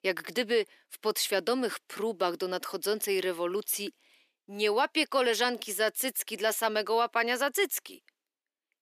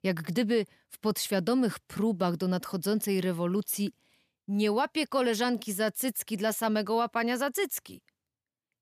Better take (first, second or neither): second